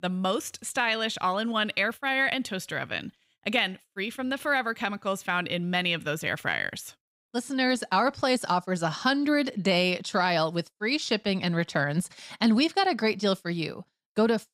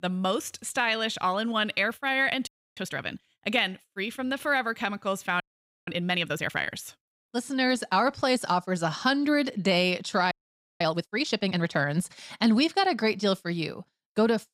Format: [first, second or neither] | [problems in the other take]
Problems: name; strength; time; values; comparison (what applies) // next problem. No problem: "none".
first | audio freezing; at 2.5 s, at 5.5 s and at 10 s